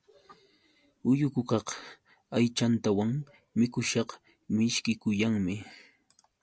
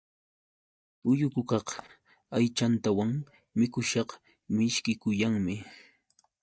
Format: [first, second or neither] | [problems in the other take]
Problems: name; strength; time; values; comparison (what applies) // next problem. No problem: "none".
first | noise reduction (neural mask model DeepFilterNet 3)